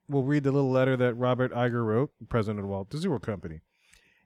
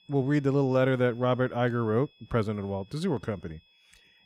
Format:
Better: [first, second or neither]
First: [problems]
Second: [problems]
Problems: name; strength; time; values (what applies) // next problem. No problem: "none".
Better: first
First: none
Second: high-pitched whine; faint; throughout; 3.5 kHz, 30 dB below the speech